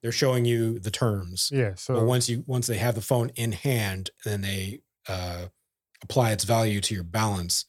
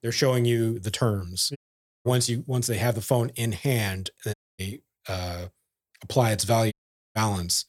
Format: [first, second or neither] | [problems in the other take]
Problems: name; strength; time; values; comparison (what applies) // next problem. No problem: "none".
first | audio cutting out; at 1.5 s, at 4.5 s and at 6.5 s